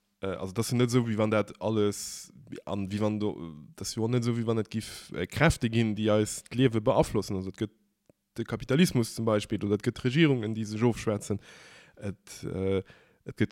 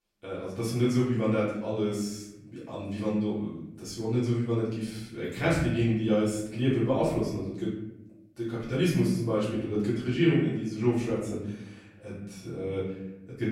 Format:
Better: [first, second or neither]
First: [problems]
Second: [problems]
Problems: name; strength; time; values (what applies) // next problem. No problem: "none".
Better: first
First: none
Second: off-mic speech; far // room echo; noticeable; dies away in 0.9 s